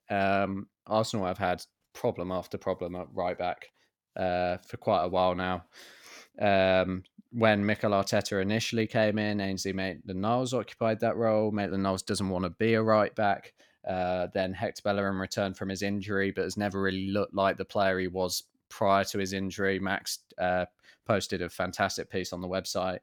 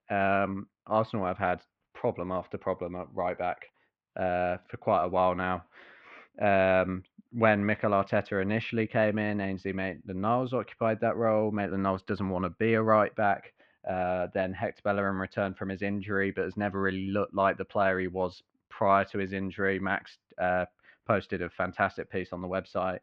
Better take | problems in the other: first | muffled; very; fading above 2.5 kHz

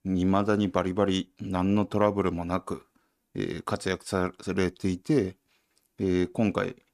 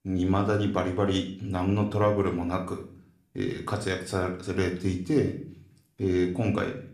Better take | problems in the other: first | room echo; slight; dies away in 0.4 s // off-mic speech; somewhat distant

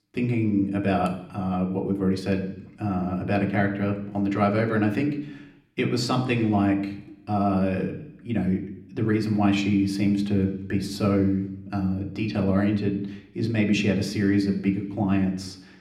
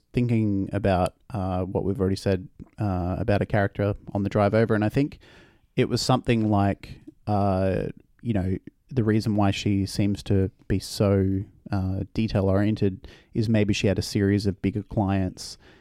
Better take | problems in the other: second | room echo; slight; dies away in 0.7 s

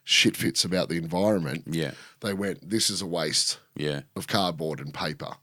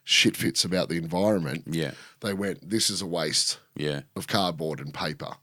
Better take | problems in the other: neither | none

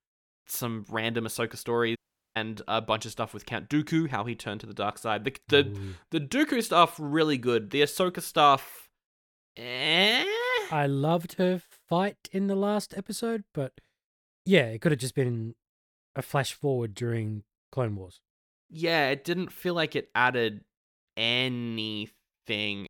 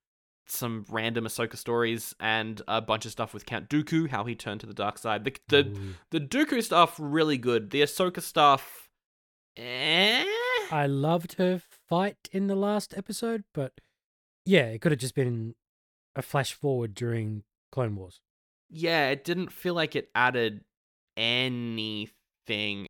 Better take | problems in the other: second | audio cutting out; at 2 s

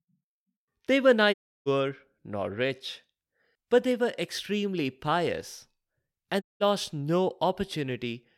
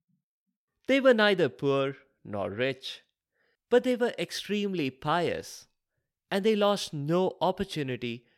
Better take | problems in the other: second | audio cutting out; at 1.5 s and at 6.5 s

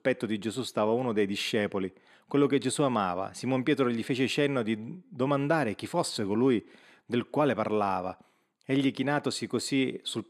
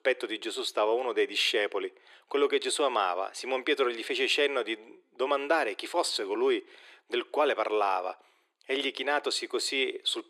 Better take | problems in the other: first | thin; very; fading below 350 Hz

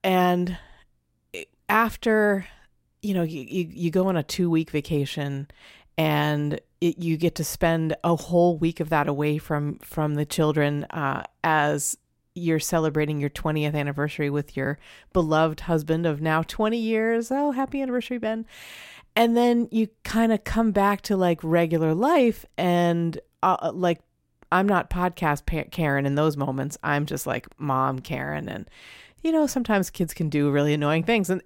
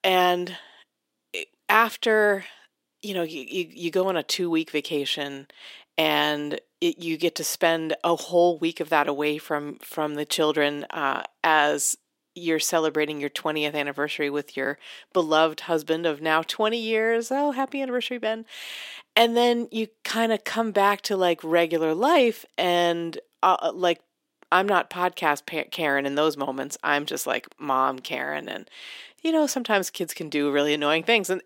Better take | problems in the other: first | thin; somewhat; fading below 300 Hz

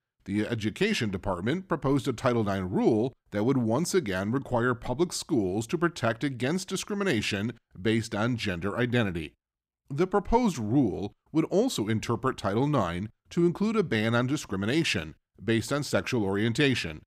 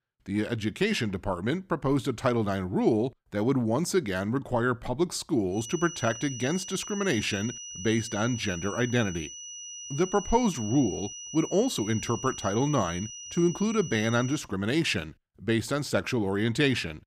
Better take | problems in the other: first | high-pitched whine; noticeable; from 5.5 to 14 s; 6 kHz, 10 dB below the speech

